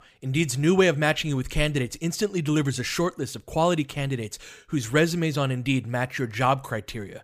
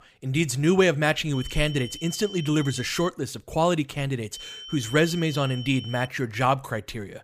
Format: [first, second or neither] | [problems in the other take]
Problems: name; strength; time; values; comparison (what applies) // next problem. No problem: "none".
first | high-pitched whine; noticeable; from 1.5 to 3 s and from 4.5 to 6 s; 3 kHz, 15 dB below the speech